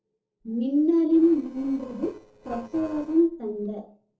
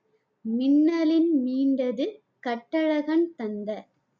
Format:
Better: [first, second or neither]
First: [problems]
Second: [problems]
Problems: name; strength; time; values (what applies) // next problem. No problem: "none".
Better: second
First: noise reduction (neural separator model SepFormer DNS4)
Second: none